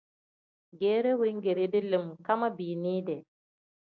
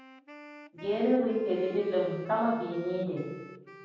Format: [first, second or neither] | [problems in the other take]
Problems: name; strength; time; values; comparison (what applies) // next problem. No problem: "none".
first | background sound (Wind instrument, woodwind instrument); 20 dB below the speech // room echo; dies away in 1.2 s